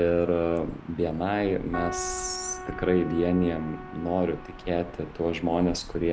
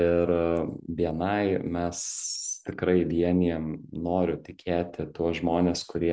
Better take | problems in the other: second | background sound (Gull, seagull / Ocean + Keyboard (musical)); 12 dB below the speech

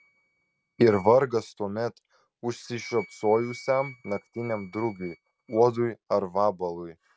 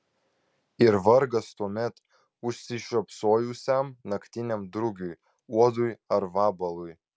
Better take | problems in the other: second | noise reduction (neural mask model RNNoise)

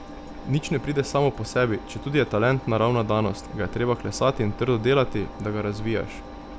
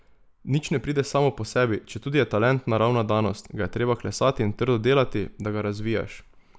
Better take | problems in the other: second | background sound (Engine); 14 dB below the speech

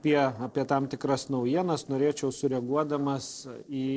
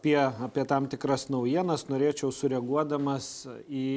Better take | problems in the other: second | noise reduction (neural separator model SepFormer DNS4)

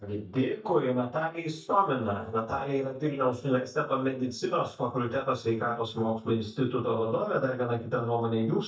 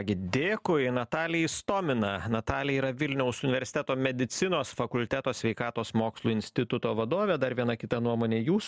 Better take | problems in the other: second | noise reduction (neural mask model DeepFilterNet 3)

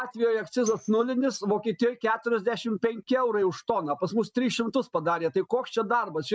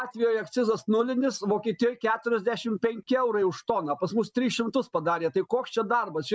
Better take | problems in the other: second | noise reduction (neural mask model RNNoise)

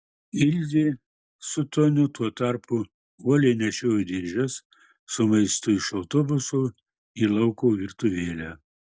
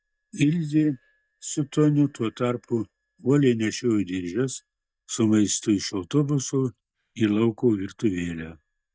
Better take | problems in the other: first | noise reduction (neural mask model DeepFilterNet 3)

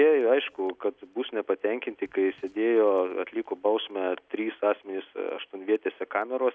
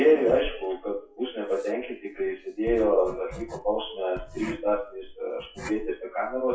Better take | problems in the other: first | noise reduction (classical method WPE with log-MMSE)

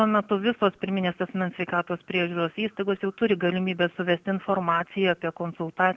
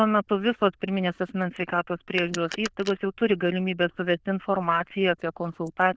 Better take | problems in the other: first | noise reduction (neural diffusion model UNIVERSE++)

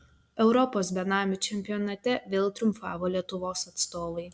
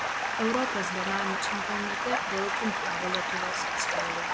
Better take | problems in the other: first | background sound (Stream); 4 dB above the speech

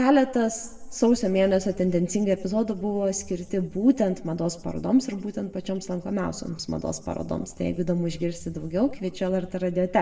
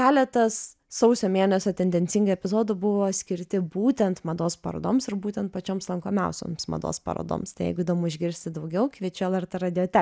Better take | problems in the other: second | background sound (Walk, footsteps); 17 dB below the speech // room echo; dies away in 1 s

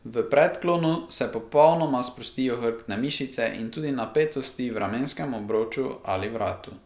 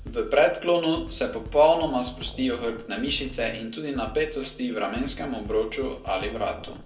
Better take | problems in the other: first | background sound (Drum kit); 15 dB below the speech // room echo; dies away in 0.2 s

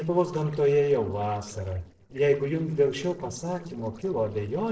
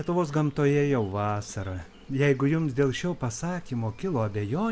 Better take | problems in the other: second | noise reduction (neural separator model SepFormer DNS4)

